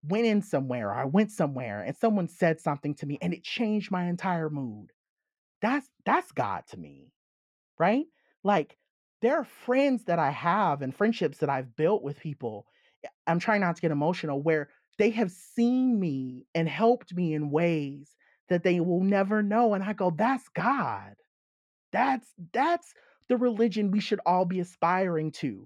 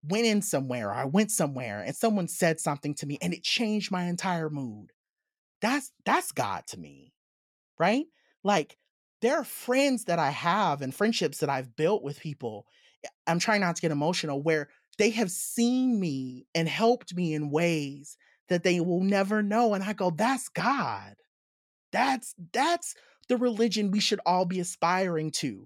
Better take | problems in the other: second | muffled; slightly; fading above 3.5 kHz

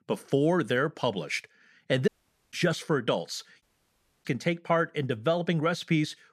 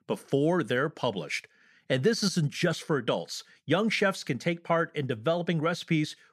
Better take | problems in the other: second | audio cutting out; at 2 s and at 3.5 s for 0.5 s

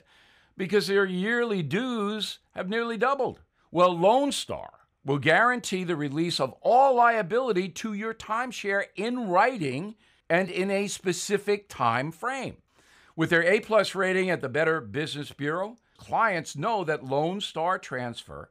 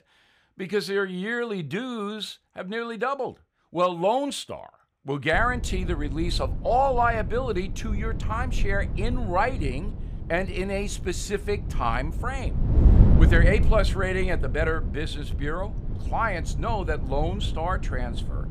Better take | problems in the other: first | wind noise on the microphone; occasional gusts; from 5.5 s on; 15 dB below the speech

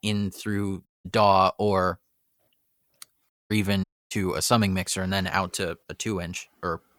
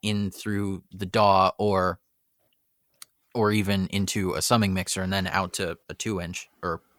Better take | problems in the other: second | audio cutting out; at 1 s, at 3.5 s and at 4 s

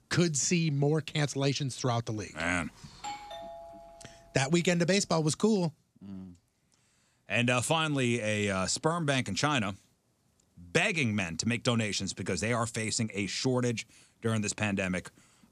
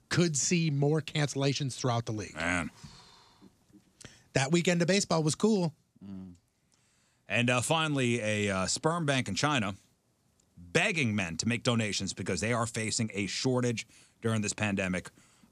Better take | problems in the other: second | doorbell; faint; from 3 to 4 s; peak 10 dB below the speech

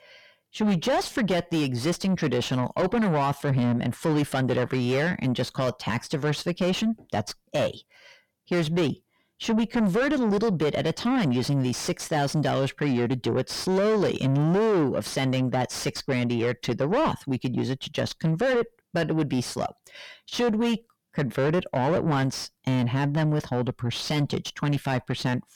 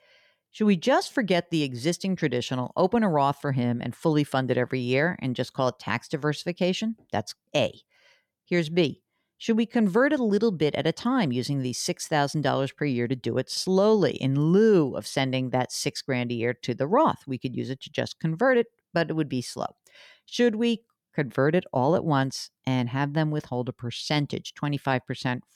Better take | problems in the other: second | distortion; heavy; 6 dB below the speech

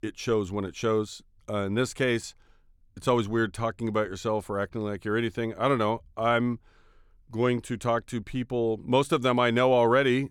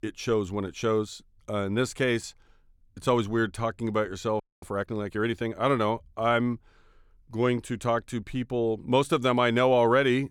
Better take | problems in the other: first | audio freezing; at 4.5 s

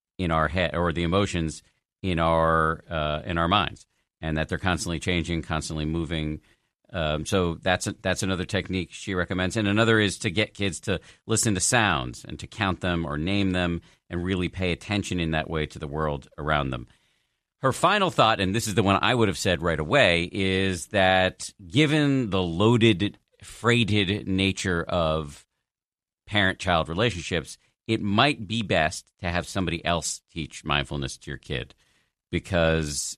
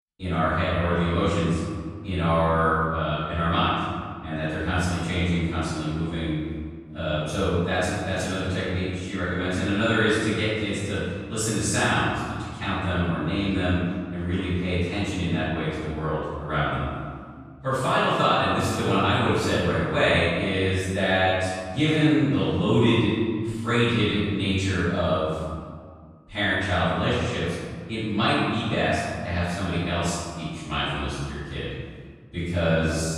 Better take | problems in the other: first | off-mic speech; far // room echo; strong; dies away in 1.7 s

